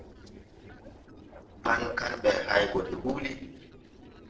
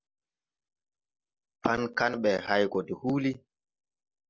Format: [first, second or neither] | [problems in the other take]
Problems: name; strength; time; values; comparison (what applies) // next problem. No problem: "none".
second | noise reduction (neural separator model SepFormer DNS4)